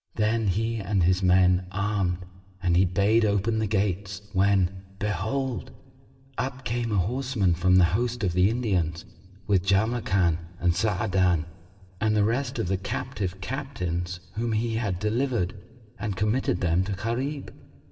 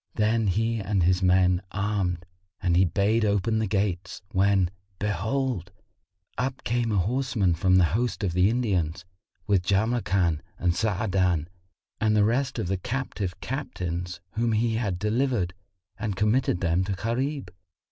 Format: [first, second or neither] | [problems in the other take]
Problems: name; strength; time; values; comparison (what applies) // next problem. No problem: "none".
second | room echo; dies away in 1.4 s